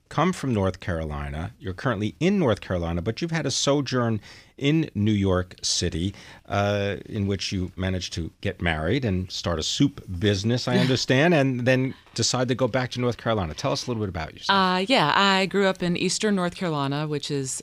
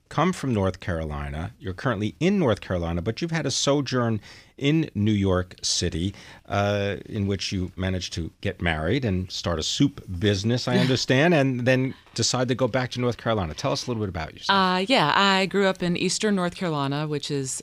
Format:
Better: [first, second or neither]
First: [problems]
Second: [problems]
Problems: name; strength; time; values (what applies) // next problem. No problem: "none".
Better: neither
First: none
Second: none